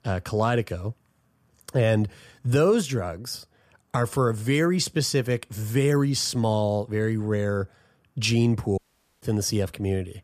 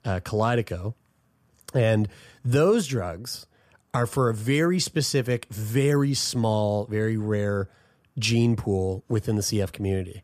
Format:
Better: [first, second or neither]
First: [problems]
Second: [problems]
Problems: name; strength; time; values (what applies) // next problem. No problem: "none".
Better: second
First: audio cutting out; at 9 s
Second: none